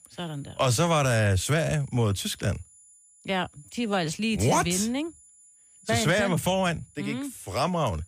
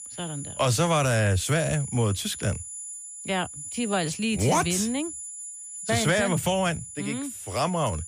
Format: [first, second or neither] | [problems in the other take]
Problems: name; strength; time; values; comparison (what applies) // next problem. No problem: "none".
first | high-pitched whine; loud; throughout; 10 kHz, 10 dB below the speech; faint in the first